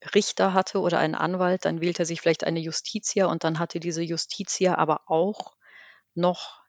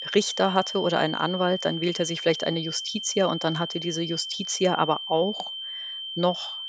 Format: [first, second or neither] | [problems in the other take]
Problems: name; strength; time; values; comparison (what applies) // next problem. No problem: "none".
first | high-pitched whine; loud; throughout; 3 kHz, 6 dB below the speech